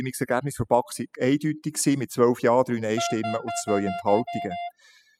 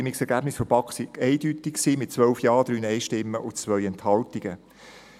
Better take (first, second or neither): second